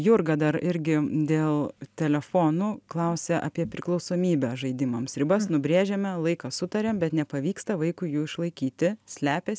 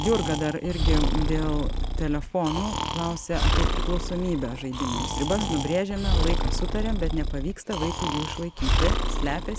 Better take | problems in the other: first | background sound (Breathing); 3 dB above the speech

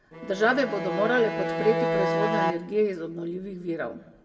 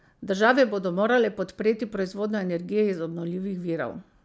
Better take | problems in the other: second | background sound (Bowed string instrument); 1 dB below the speech // room echo; dies away in 1.1 s

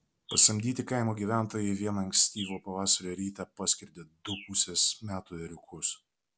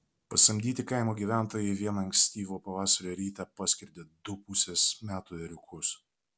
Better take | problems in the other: second | background sound (Bird); 19 dB below the speech

